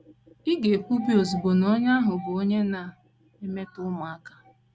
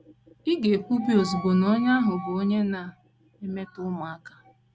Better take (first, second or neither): first